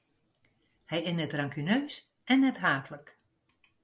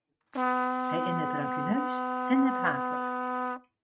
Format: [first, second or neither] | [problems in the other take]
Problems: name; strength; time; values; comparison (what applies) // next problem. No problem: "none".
first | noise reduction (neural mask model RNNoise)